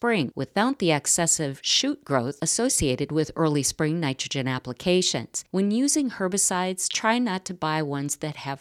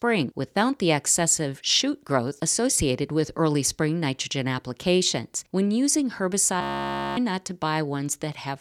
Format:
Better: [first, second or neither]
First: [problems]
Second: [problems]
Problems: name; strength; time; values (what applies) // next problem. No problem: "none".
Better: first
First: none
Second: audio freezing; at 6.5 s for 0.5 s